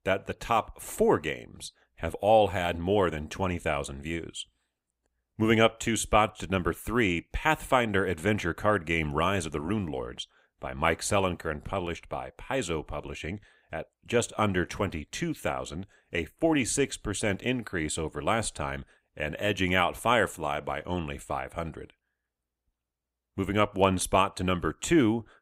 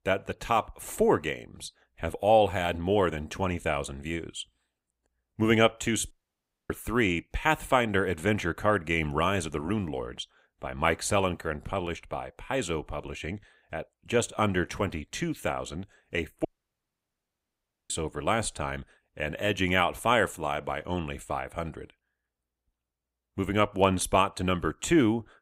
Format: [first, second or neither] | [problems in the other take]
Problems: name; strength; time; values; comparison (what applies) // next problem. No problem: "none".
first | audio cutting out; at 6 s for 0.5 s and at 16 s for 1.5 s